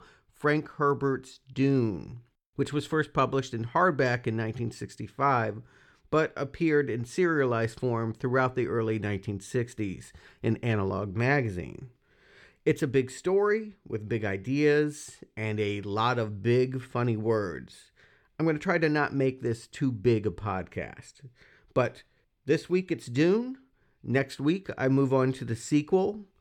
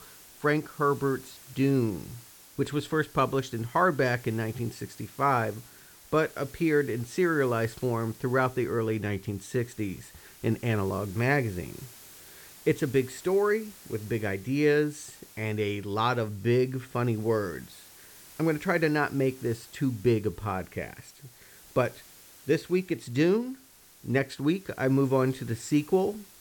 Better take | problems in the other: first | hiss; faint; throughout; 20 dB below the speech

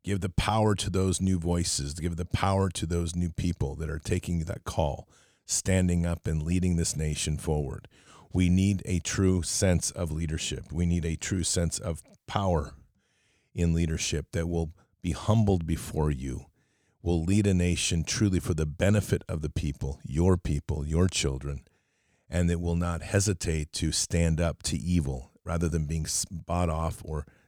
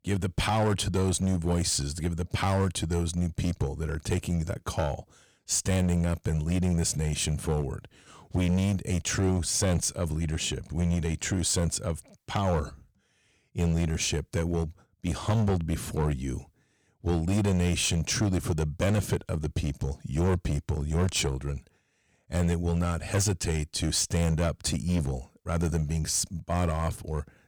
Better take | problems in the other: first | distortion; slight; 8% of the sound clipped

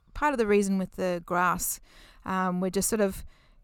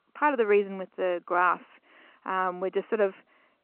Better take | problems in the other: first | phone-call audio

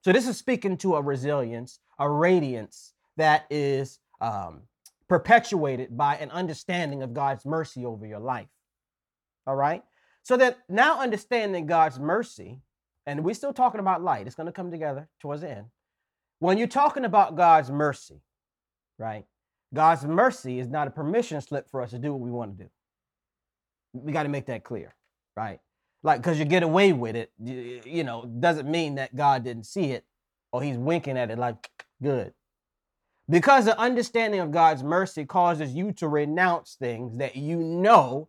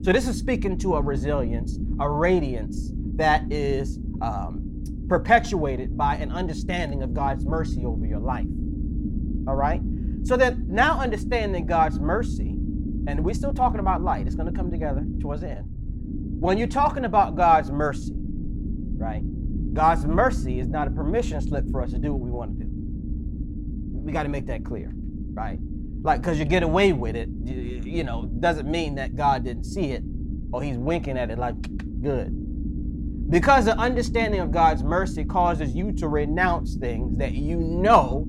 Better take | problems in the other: first | low rumble; noticeable; throughout; 15 dB below the speech

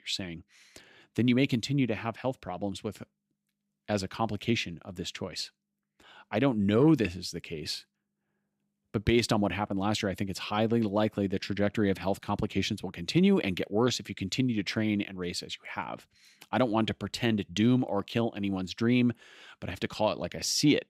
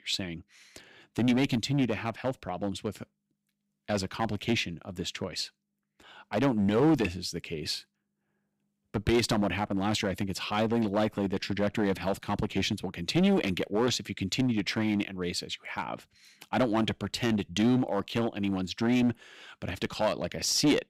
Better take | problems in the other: first | distortion; slight; 4% of the sound clipped

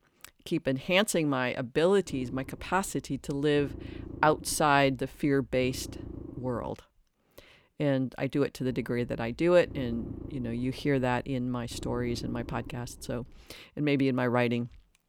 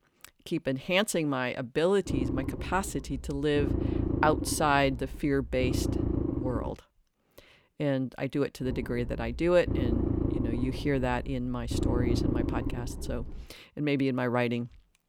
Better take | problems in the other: first | low rumble; loud; from 2 to 6.5 s and from 8.5 to 13 s; 7 dB below the speech; faint in the first

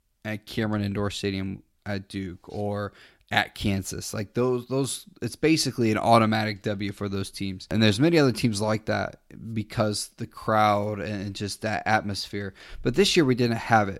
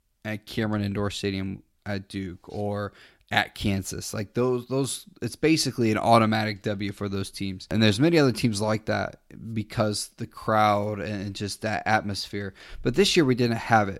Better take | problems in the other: neither | none

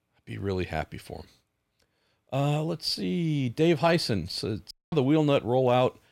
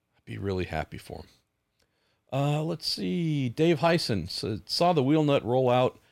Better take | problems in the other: second | audio cutting out; at 4.5 s

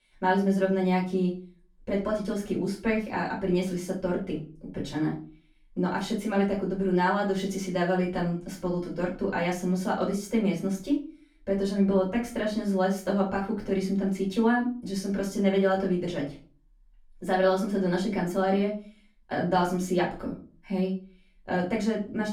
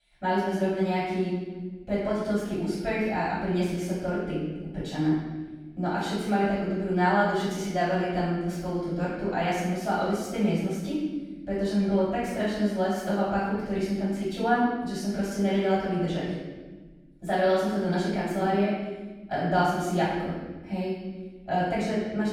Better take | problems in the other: first | room echo; strong; dies away in 1.3 s; slight in the first // off-mic speech; far; far in the first

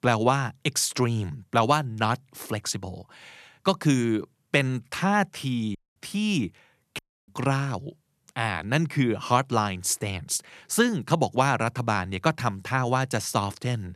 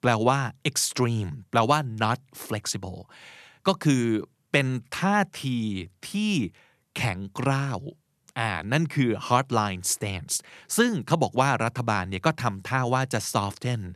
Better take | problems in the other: second | audio cutting out; at 6 s and at 7 s

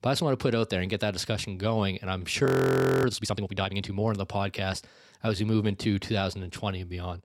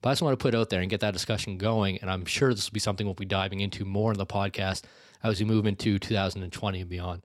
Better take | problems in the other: second | audio freezing; at 2.5 s for 0.5 s

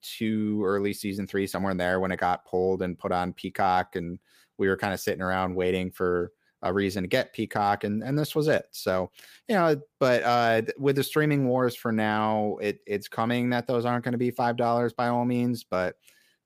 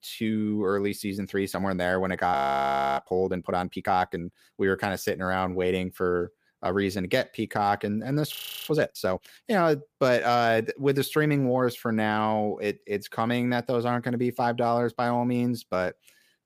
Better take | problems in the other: first | audio freezing; at 2.5 s for 0.5 s and at 8.5 s

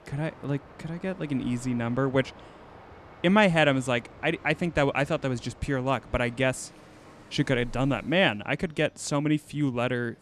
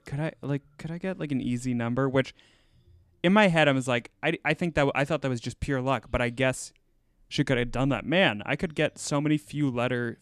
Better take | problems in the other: second | train or aircraft noise; faint; throughout; 25 dB below the speech

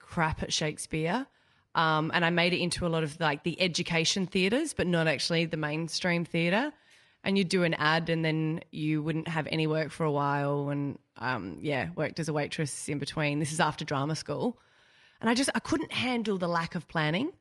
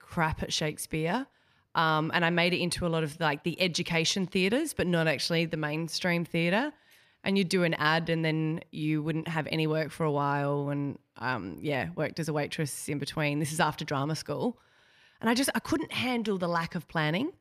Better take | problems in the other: second | garbled, watery; slightly; nothing above 10.5 kHz

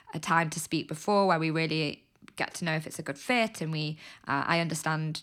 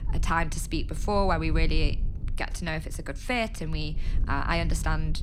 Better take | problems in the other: first | low rumble; faint; throughout; 20 dB below the speech

